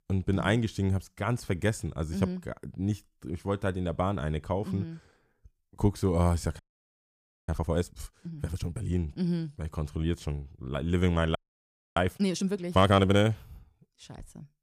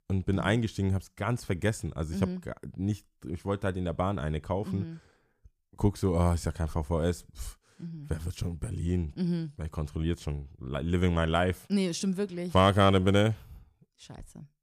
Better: second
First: audio freezing; at 6.5 s for 1 s and at 11 s for 0.5 s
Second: none

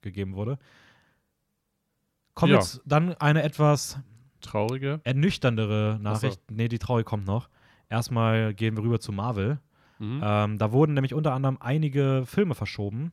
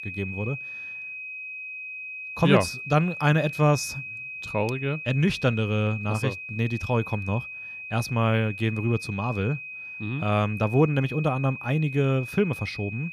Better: first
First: none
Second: high-pitched whine; loud; throughout; 2.5 kHz, 9 dB below the speech

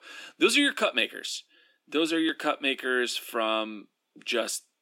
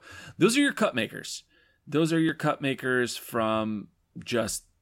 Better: second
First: thin; very slightly; fading below 250 Hz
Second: none

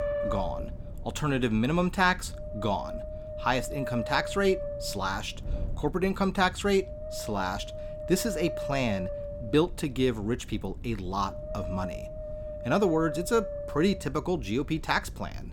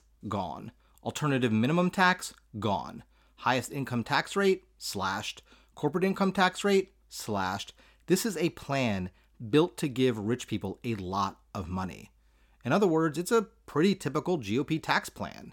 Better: second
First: wind noise on the microphone; heavy; 7 dB below the speech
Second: none

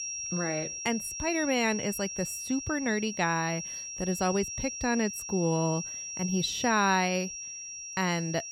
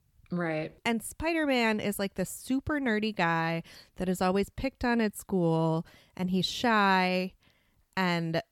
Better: second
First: high-pitched whine; loud; throughout; 5.5 kHz, 6 dB below the speech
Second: none

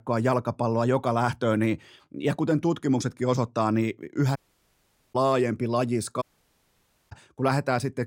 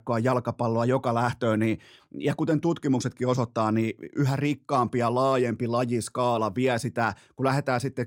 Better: second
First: audio cutting out; at 4.5 s for 1 s and at 6 s for 1 s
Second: none

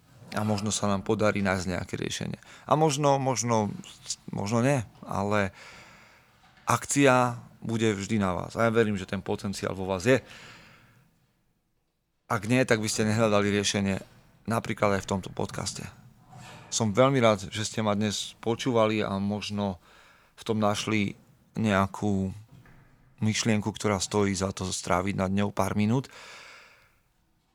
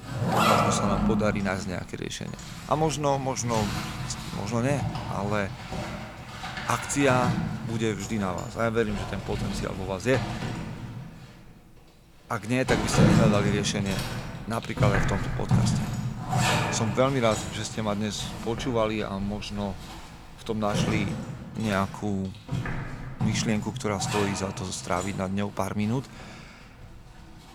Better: first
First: household noises; faint; throughout; 25 dB below the speech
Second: household noises; loud; throughout; 1 dB below the speech

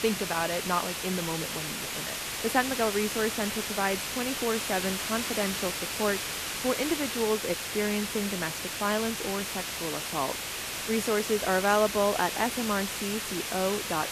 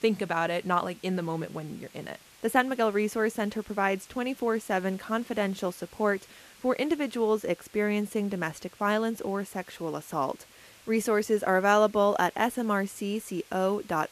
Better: second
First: hiss; loud; throughout; 2 dB below the speech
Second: hiss; faint; throughout; 25 dB below the speech

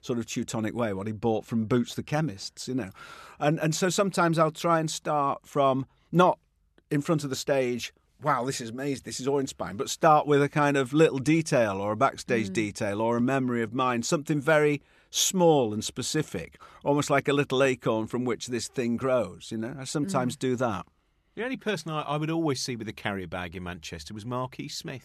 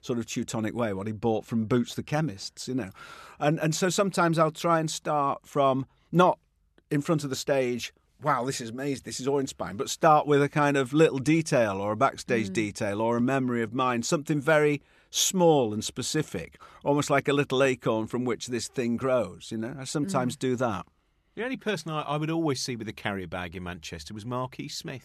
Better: neither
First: none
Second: none

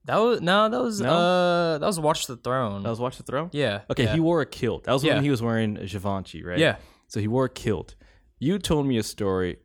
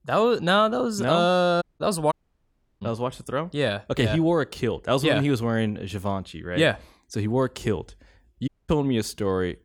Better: first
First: none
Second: audio cutting out; at 1.5 s, at 2 s for 0.5 s and at 8.5 s

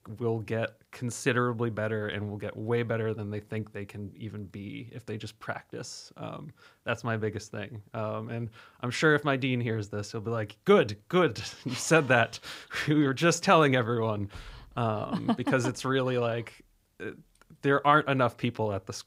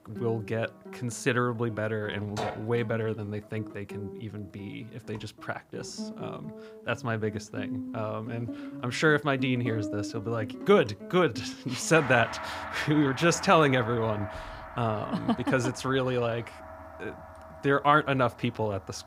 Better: first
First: none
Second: background music; noticeable; throughout; 15 dB below the speech

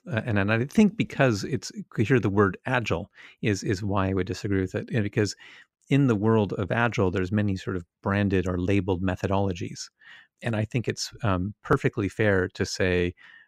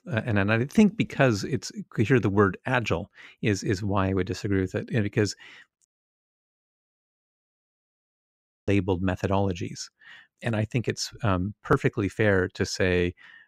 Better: first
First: none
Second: audio cutting out; at 6 s for 3 s

